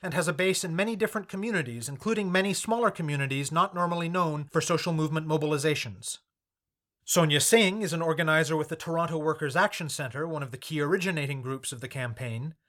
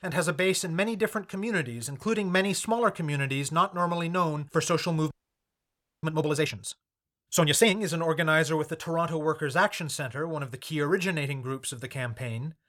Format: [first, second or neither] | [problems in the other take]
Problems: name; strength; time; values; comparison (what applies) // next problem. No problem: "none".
first | audio freezing; at 5 s for 1 s